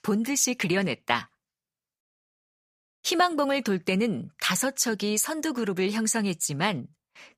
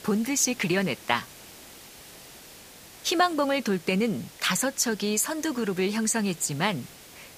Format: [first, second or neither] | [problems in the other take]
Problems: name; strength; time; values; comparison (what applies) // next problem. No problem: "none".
first | hiss; noticeable; throughout; 20 dB below the speech